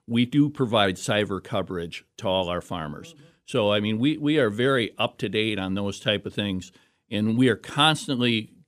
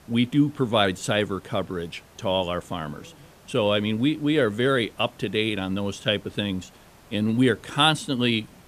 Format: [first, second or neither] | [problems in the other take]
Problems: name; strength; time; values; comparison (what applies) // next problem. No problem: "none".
first | hiss; faint; throughout; 25 dB below the speech